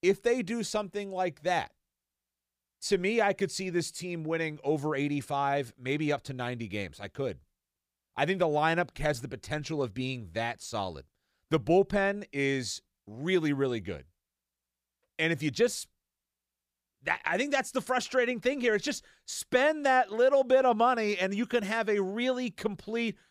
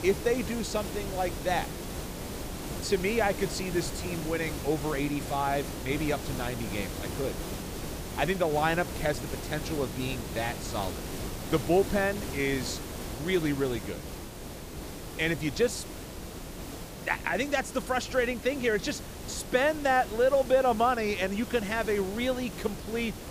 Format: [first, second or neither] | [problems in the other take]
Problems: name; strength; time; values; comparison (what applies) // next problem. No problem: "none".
first | hiss; loud; throughout; 8 dB below the speech